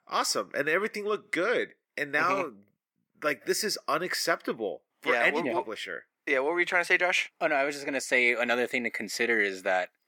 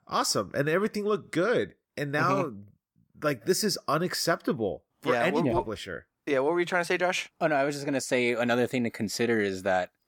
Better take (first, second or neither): second